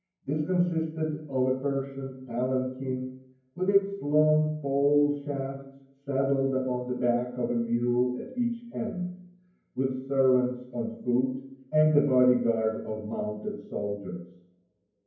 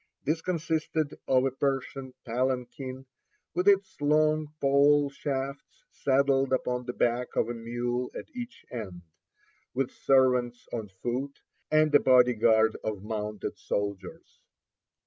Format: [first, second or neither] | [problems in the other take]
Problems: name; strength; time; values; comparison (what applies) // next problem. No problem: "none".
second | room echo; dies away in 0.9 s